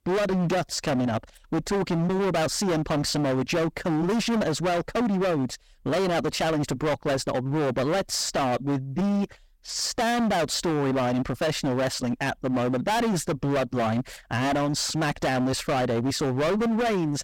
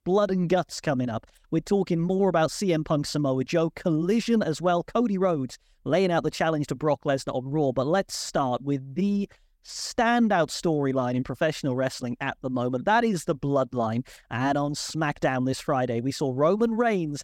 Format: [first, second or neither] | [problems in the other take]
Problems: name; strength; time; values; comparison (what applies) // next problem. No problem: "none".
second | distortion; heavy; 31% of the sound clipped